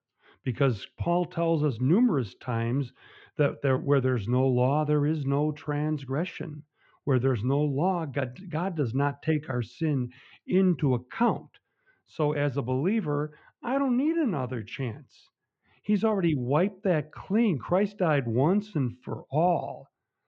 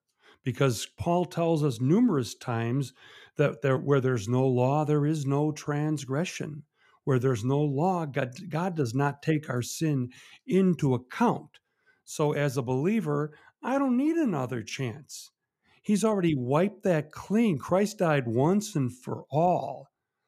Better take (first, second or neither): second